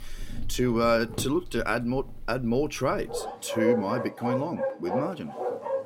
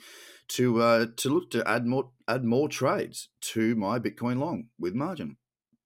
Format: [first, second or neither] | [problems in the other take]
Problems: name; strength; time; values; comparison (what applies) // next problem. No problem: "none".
second | animal sounds; loud; throughout; 4 dB below the speech